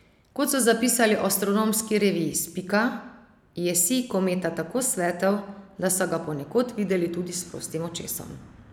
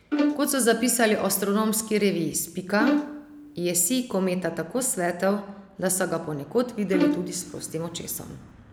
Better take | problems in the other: first | background sound (Bowed string instrument); 4 dB below the speech

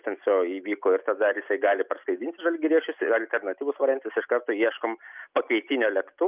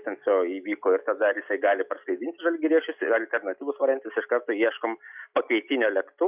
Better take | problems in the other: first | noise reduction (classical method log-MMSE)

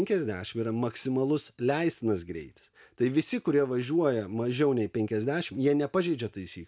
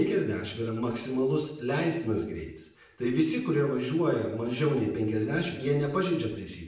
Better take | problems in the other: first | room echo; dies away in 0.7 s

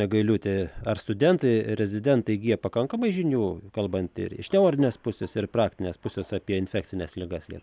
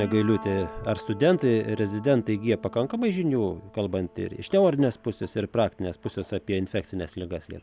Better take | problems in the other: first | background sound (Piano); 18 dB below the speech

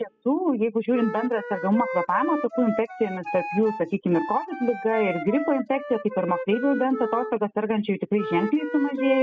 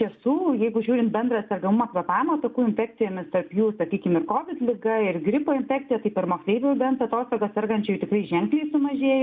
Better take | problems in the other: second | noise reduction (classical method spectral subtraction)

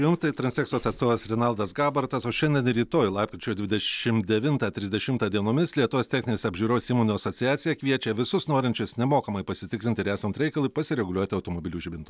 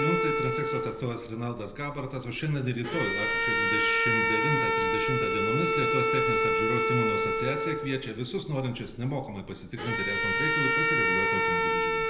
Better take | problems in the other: first | background sound (Bowed string instrument); 4 dB above the speech // room echo; dies away in 0.8 s

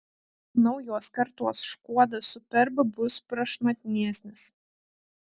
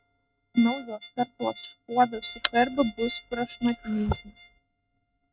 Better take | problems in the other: first | noise reduction (neural mask model RNNoise)

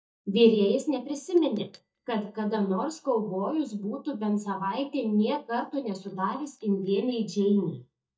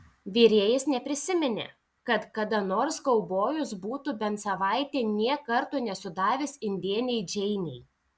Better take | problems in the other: second | noise reduction (neural mask model DeepFilterNet 3)

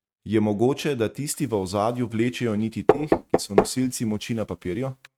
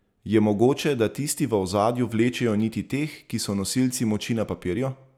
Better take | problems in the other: second | noise reduction (neural mask model RNNoise)

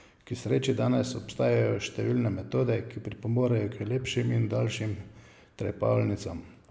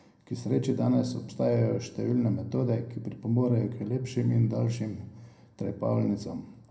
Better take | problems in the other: first | room echo; dies away in 0.2 s

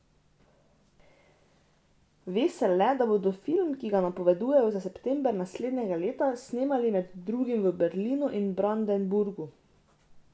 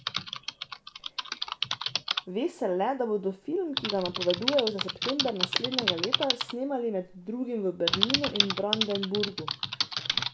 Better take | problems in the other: first | background sound (Typing); 1 dB below the speech

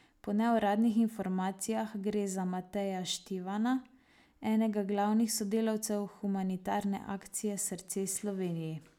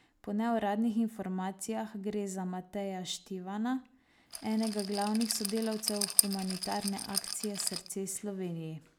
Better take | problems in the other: first | background sound (Rattle); 2 dB below the speech

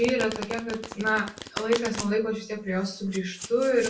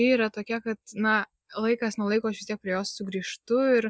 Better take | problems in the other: second | background sound (Domestic sounds, home sounds); 11 dB below the speech // room echo; dies away in 0.3 s

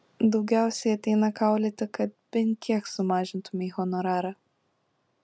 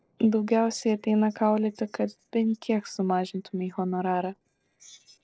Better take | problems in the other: first | noise reduction (neural separator model SepFormer DNS4)

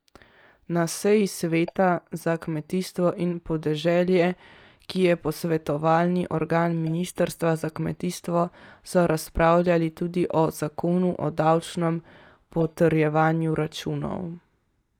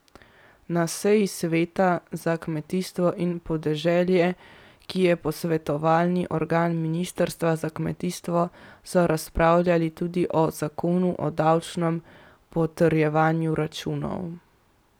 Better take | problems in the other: second | noise reduction (neural mask model DeepFilterNet 3)

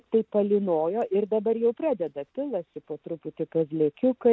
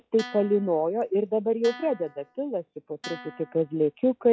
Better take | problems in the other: first | noise reduction (classical method log-MMSE)

